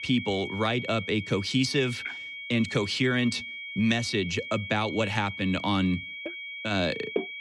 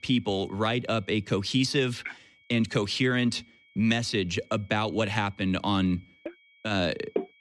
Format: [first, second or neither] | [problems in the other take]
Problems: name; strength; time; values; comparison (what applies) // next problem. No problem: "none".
second | high-pitched whine; loud; throughout; 2 kHz, 9 dB below the speech; faint in the second